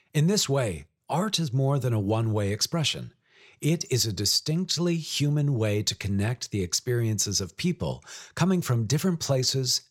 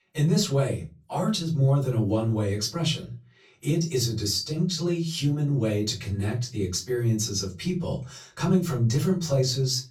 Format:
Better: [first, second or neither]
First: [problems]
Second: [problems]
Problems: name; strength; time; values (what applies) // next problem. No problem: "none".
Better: first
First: none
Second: off-mic speech; far // room echo; very slight; dies away in 0.3 s